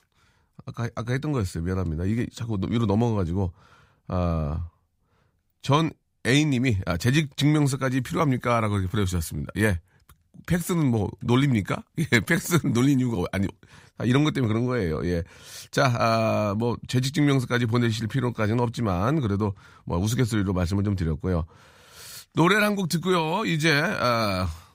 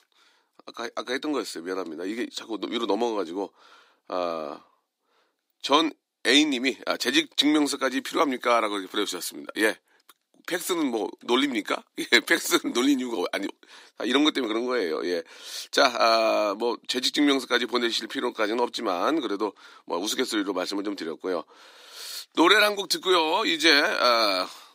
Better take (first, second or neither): first